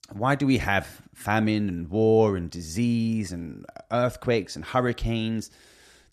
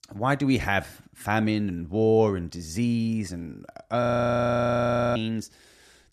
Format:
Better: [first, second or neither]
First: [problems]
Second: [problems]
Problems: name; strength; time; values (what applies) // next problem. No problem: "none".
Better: first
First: none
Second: audio freezing; at 4 s for 1 s